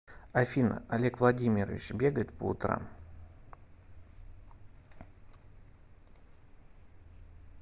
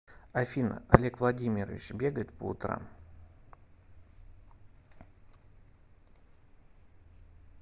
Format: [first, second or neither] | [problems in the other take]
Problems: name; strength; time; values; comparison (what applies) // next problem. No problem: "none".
first | background sound (Tap); 4 dB above the speech